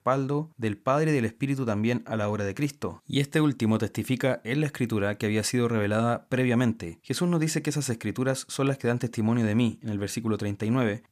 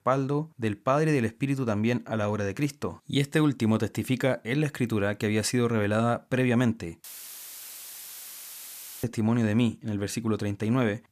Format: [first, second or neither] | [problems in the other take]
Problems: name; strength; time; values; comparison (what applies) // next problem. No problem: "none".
first | audio cutting out; filled with static; at 7 s for 2 s